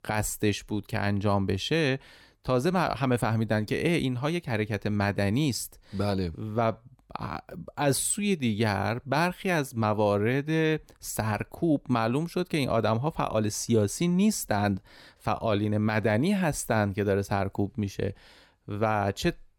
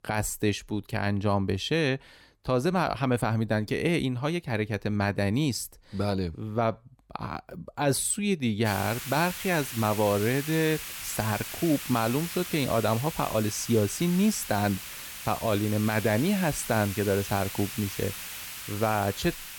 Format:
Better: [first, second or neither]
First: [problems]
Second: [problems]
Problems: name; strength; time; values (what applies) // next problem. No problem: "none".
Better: first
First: none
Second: hiss; loud; from 8.5 s on; 8 dB below the speech